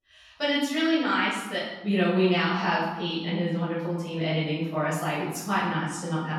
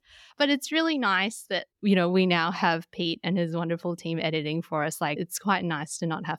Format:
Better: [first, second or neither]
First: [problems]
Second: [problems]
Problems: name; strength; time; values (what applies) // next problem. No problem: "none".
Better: second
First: off-mic speech; far // room echo; noticeable; dies away in 0.9 s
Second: none